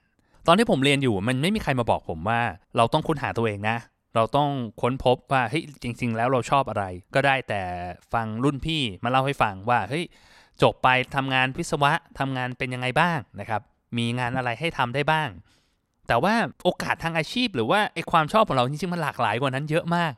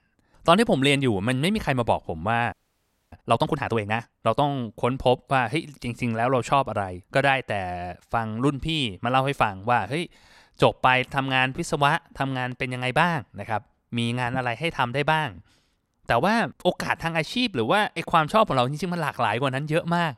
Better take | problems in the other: first | audio freezing; at 2.5 s for 0.5 s

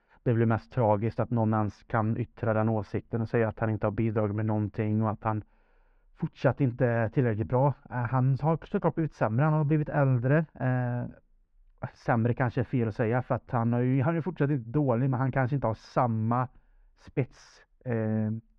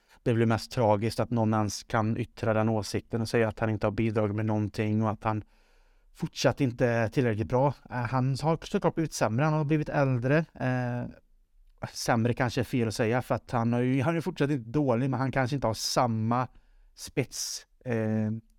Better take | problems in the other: second | muffled; very; fading above 1.5 kHz

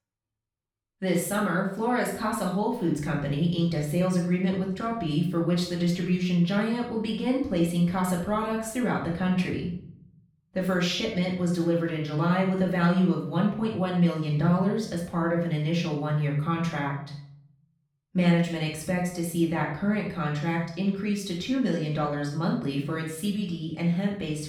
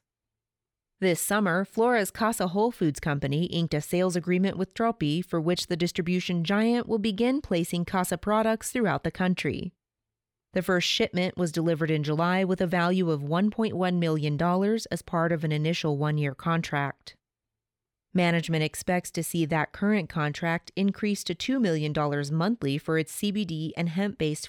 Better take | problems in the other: second | off-mic speech; far // room echo; noticeable; dies away in 0.5 s

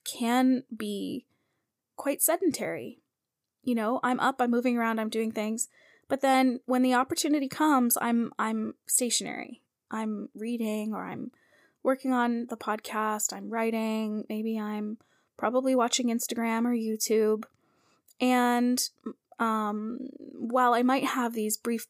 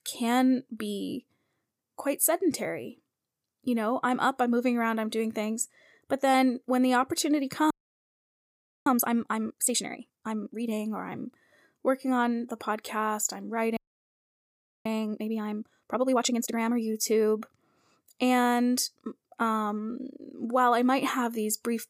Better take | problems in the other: first | audio freezing; at 7.5 s for 1 s and at 14 s for 1 s

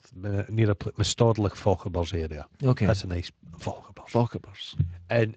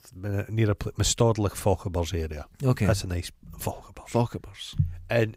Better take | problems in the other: second | garbled, watery; slightly; nothing above 7.5 kHz

